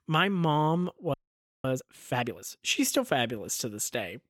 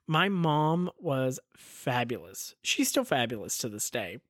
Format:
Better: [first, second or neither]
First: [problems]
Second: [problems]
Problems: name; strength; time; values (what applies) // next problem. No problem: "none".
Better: second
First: audio freezing; at 1 s for 0.5 s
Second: none